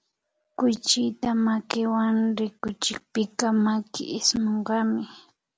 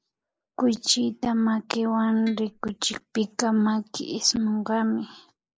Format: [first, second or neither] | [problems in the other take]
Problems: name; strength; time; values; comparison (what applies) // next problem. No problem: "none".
first | noise reduction (neural mask model Resemble Enhance denoiser)